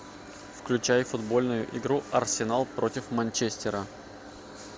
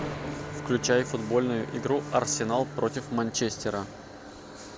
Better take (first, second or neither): first